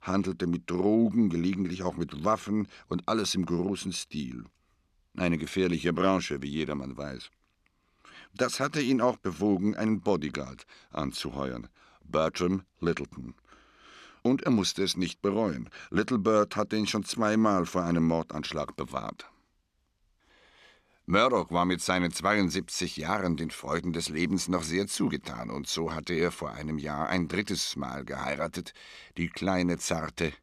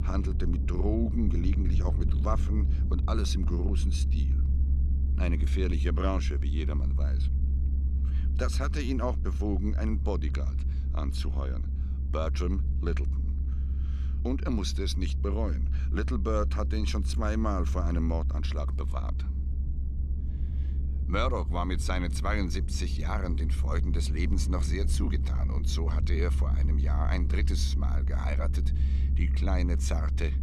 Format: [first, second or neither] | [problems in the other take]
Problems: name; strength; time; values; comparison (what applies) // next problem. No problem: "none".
first | low rumble; noticeable; throughout; 10 dB below the speech